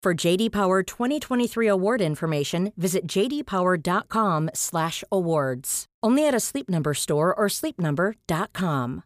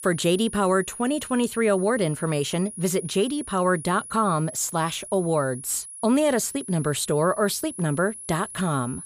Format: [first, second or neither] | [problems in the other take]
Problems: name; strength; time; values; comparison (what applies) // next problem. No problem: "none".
first | high-pitched whine; noticeable; throughout; 10.5 kHz, 10 dB below the speech